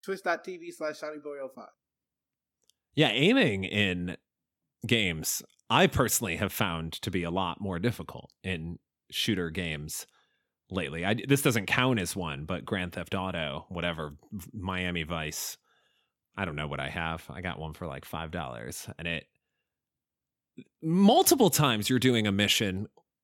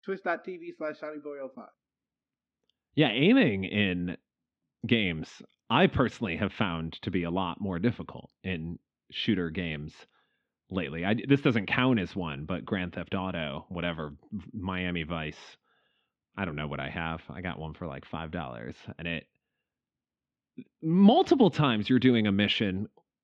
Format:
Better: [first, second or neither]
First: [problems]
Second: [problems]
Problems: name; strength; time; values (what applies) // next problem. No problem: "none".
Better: first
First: none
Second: muffled; very; fading above 3.5 kHz